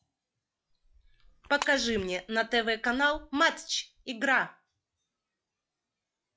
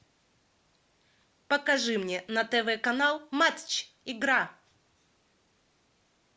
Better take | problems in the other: second | noise reduction (classical method log-MMSE)

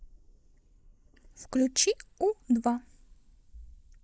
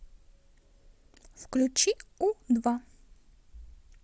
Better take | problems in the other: second | noise reduction (neural mask model Resemble Enhance denoiser)

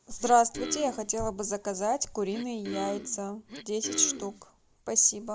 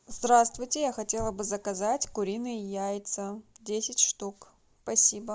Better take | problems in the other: second | background sound (Cough); 11 dB below the speech

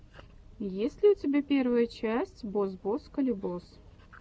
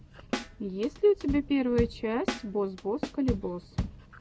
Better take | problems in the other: first | background sound (Drum / Drum kit); 7 dB below the speech

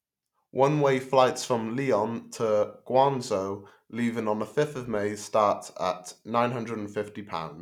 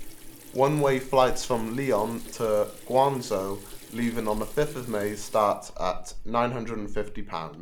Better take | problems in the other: first | background sound (Sink (filling or washing) / Water tap, faucet); 9 dB below the speech

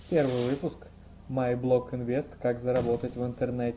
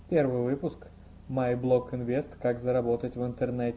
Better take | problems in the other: second | background sound (Fireworks); 18 dB below the speech

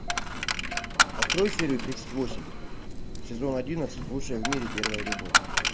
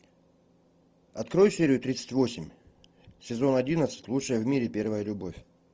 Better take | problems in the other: second | background sound (Coin (dropping)); 4 dB above the speech

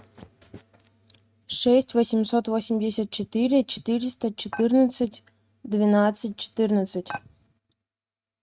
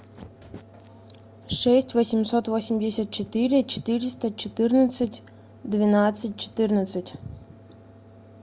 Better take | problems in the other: second | noise reduction (neural mask model RNNoise)

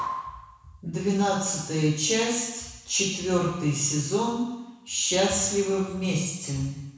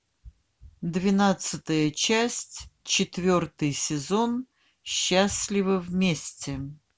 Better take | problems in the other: second | room echo; dies away in 1 s

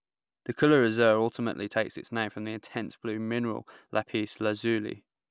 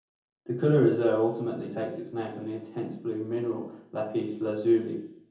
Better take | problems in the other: first | room echo; dies away in 0.7 s

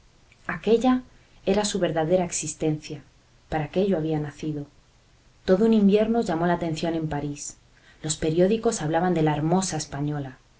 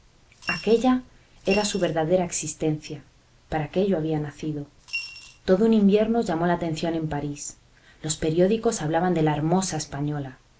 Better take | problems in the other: first | background sound (Coin (dropping) / Glass); 12 dB below the speech

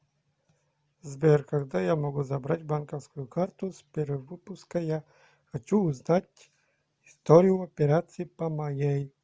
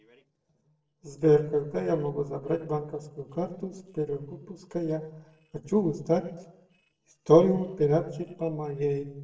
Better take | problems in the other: first | noise reduction (neural separator model SepFormer DNS4)

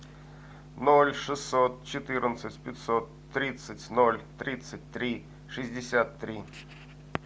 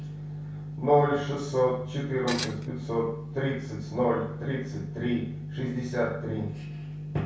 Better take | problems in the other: first | background sound (Tools); 7 dB below the speech // room echo; dies away in 0.6 s

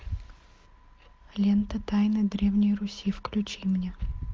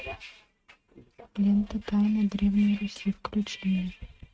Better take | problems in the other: first | noise reduction (neural mask model RNNoise)

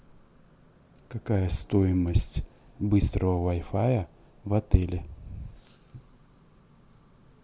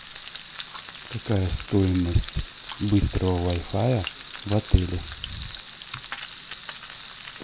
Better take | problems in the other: first | background sound (Frying (food)); 13 dB below the speech

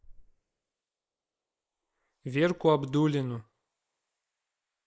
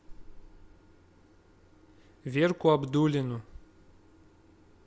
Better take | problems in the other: second | noise reduction (neural mask model Resemble Enhance denoiser)

